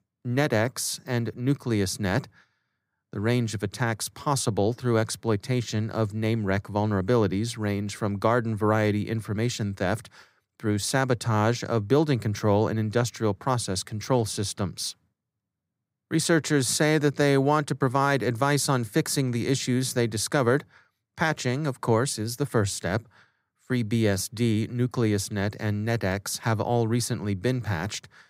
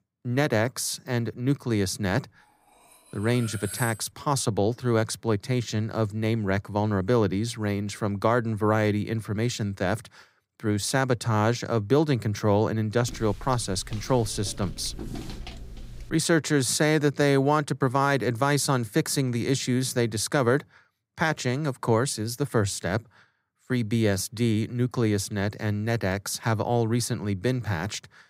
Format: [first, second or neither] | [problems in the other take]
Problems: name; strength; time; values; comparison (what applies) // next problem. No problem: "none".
first | clattering dishes; noticeable; from 3 to 4 s; peak 8 dB below the speech // footsteps; faint; from 13 to 16 s; peak 10 dB below the speech